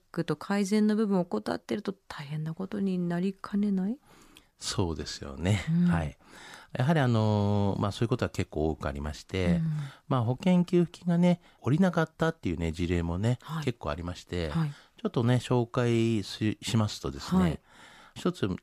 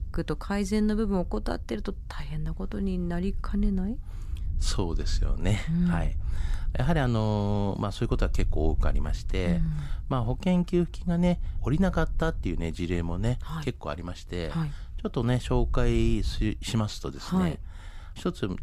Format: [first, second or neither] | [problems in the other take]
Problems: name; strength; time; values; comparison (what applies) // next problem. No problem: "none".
first | low rumble; faint; throughout; 25 dB below the speech